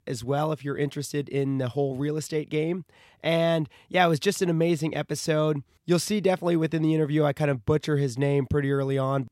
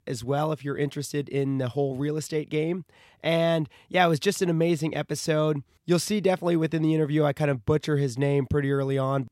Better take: neither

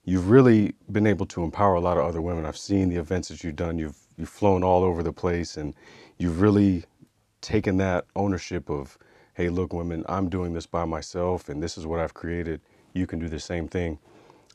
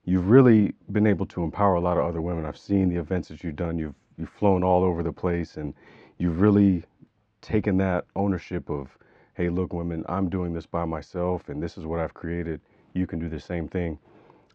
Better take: first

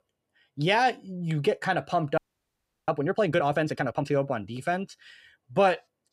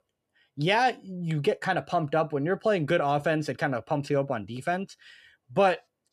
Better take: second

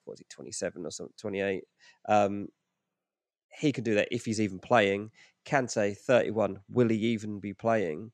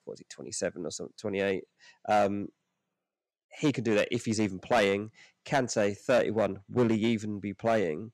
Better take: first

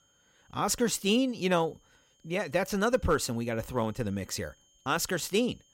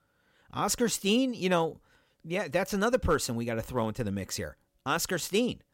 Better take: second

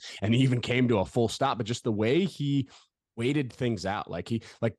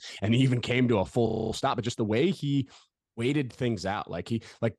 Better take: first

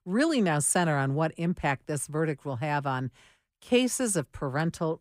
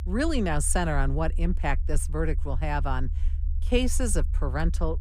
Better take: first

